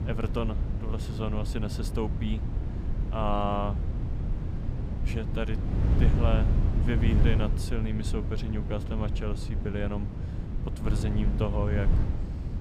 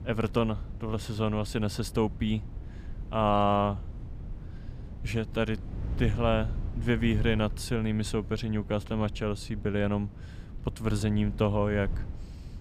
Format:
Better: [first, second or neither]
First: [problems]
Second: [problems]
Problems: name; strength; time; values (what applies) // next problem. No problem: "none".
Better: second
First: wind noise on the microphone; heavy; 6 dB below the speech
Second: wind noise on the microphone; occasional gusts; 20 dB below the speech